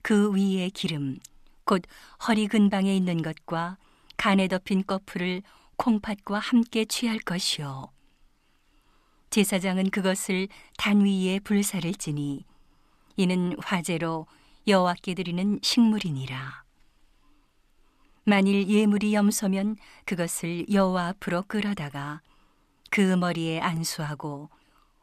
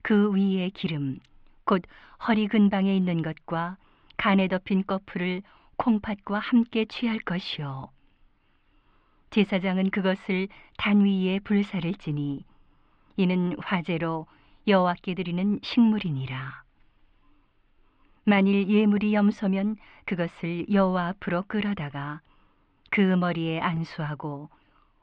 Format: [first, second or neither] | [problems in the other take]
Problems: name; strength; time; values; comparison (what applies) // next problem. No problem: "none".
first | muffled; slightly; fading above 3 kHz